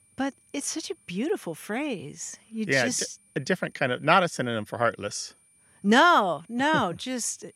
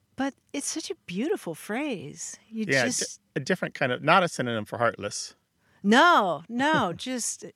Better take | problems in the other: second | high-pitched whine; faint; throughout; 9.5 kHz, 35 dB below the speech

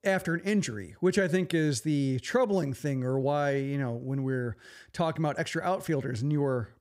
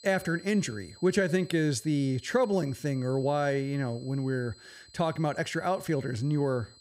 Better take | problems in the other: first | high-pitched whine; faint; throughout; 4 kHz, 25 dB below the speech

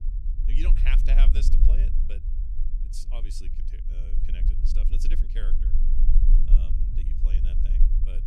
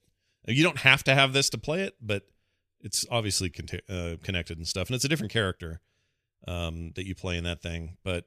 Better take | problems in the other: second | low rumble; loud; throughout; 7 dB below the speech

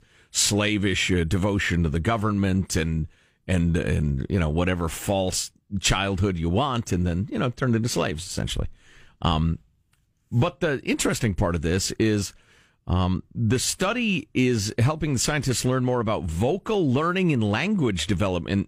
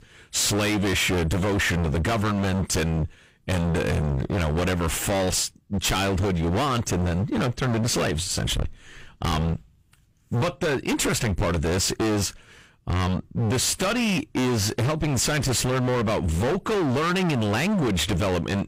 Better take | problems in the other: first | distortion; heavy; 38% of the sound clipped

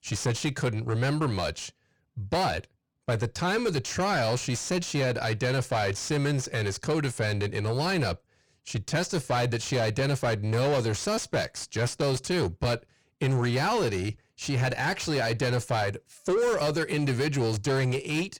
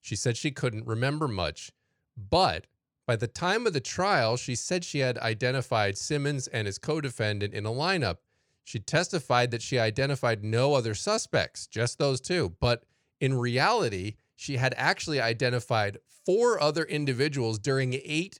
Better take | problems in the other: second | distortion; heavy; 6 dB below the speech

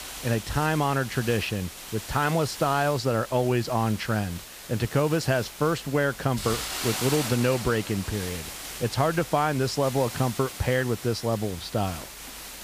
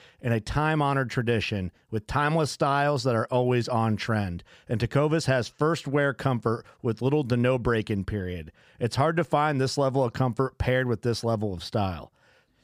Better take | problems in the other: second | hiss; loud; throughout; 9 dB below the speech

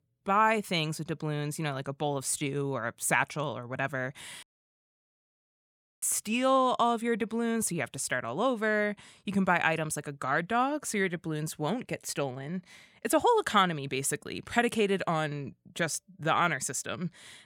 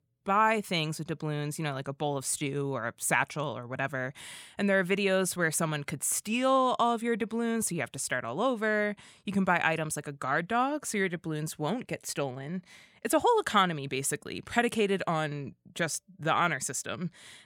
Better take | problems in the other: second | audio cutting out; at 4.5 s for 1.5 s

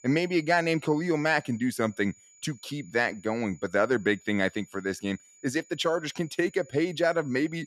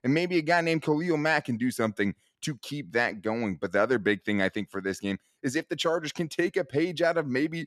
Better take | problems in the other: second | high-pitched whine; faint; throughout; 7 kHz, 25 dB below the speech

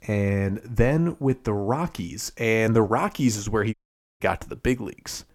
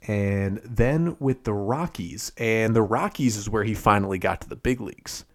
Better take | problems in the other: second | audio cutting out; at 3.5 s

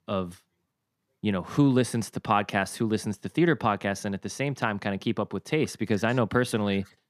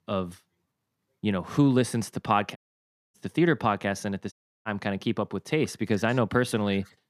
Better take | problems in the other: first | audio cutting out; at 2.5 s for 0.5 s and at 4.5 s

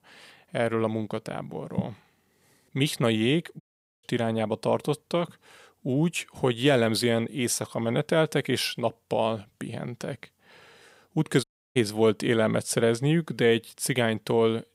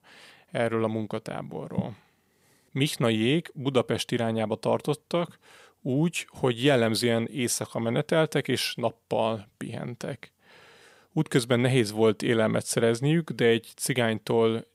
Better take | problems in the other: second | audio cutting out; at 3.5 s and at 11 s

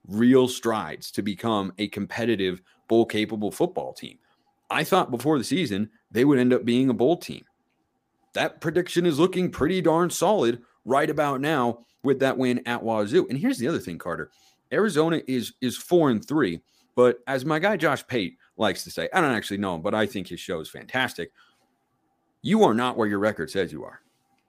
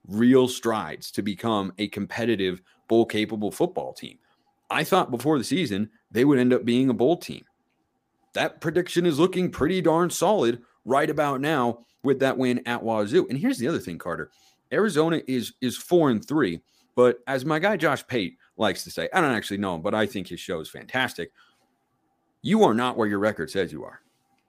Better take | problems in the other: neither | none

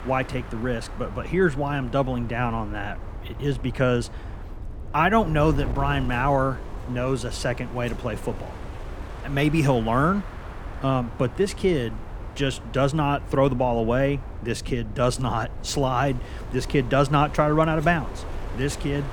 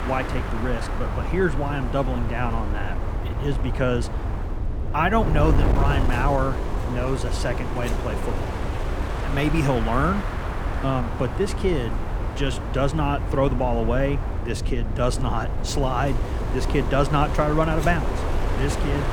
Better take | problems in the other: first | wind noise on the microphone; heavy; 6 dB below the speech; occasional gusts in the first

